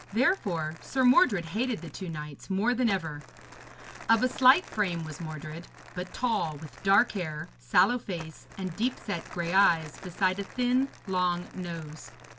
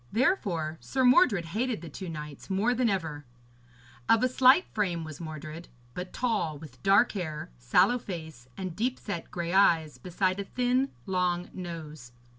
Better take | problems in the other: second | background sound (Crumpling, crinkling); 19 dB below the speech

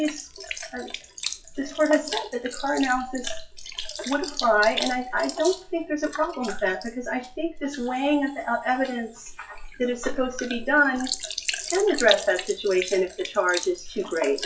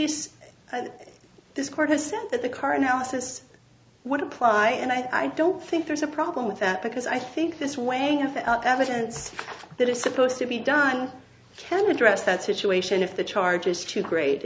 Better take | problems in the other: second | noise reduction (classical method WPE with log-MMSE)

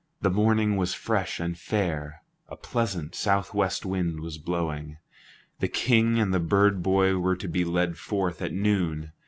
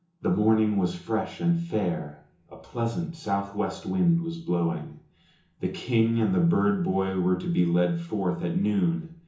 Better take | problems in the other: first | room echo; dies away in 0.7 s

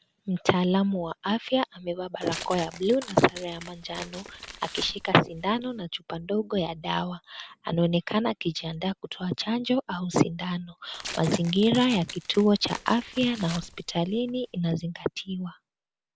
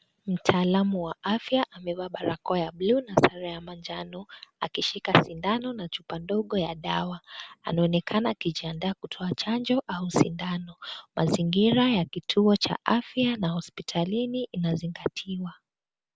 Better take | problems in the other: second | background sound (Tearing); 15 dB below the speech

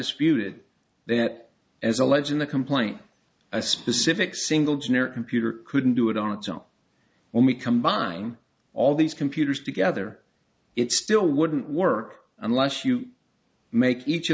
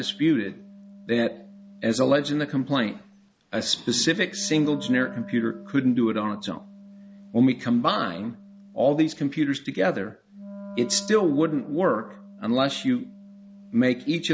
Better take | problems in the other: first | background sound (Wind instrument, woodwind instrument); 19 dB below the speech

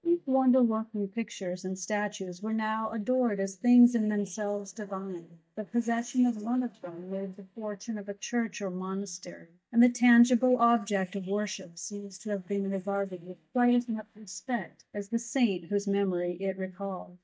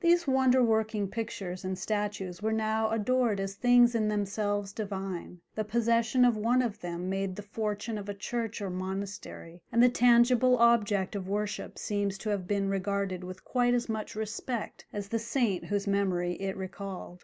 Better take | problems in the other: second | noise reduction (neural mask model DeepFilterNet 3)

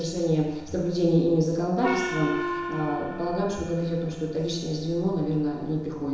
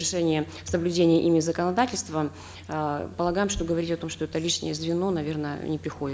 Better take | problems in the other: second | background sound (Gong); 9 dB below the speech // room echo; dies away in 1 s

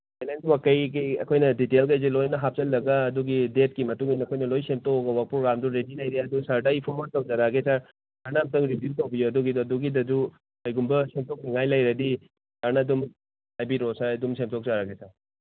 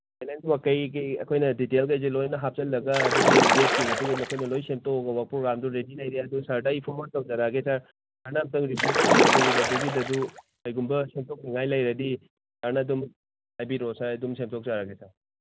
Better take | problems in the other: first | background sound (Splash, splatter); 5 dB above the speech

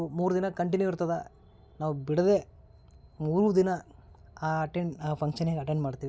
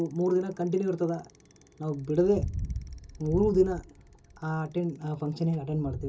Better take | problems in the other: first | background sound (Bicycle); 11 dB below the speech // room echo; dies away in 0.2 s

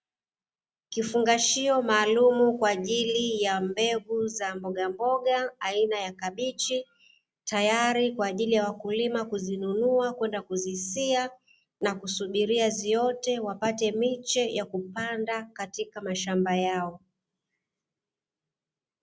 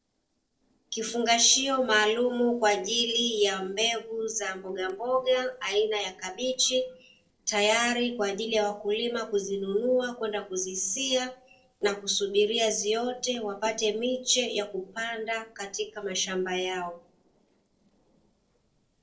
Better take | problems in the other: first | noise reduction (neural separator model SepFormer DNS4)

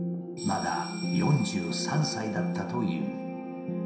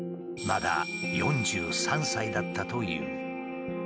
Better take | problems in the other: second | room echo; dies away in 0.7 s

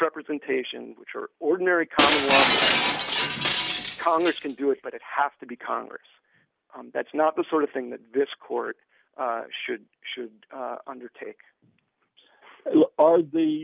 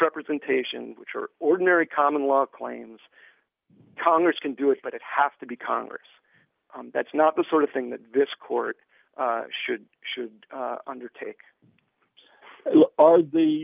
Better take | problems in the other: second | background sound (Shatter); 1 dB above the speech

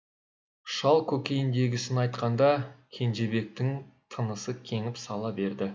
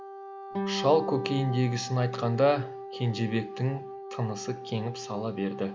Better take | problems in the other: first | background sound (Wind instrument, woodwind instrument + Guitar); 8 dB below the speech

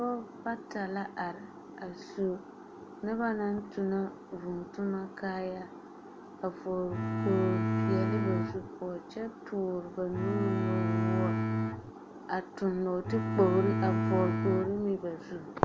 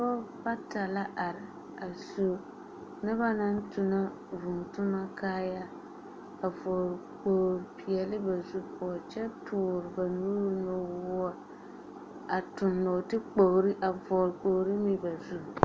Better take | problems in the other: second | background sound (Bowed string instrument); 3 dB above the speech

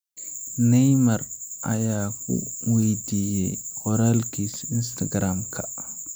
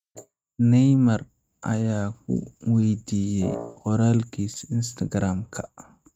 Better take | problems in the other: first | noise reduction (neural mask model RNNoise)

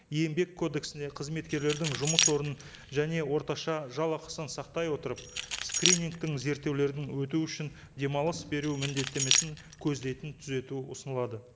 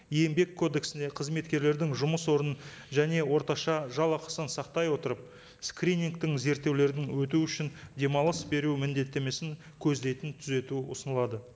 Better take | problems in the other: second | background sound (Keys jangling); 2 dB below the speech

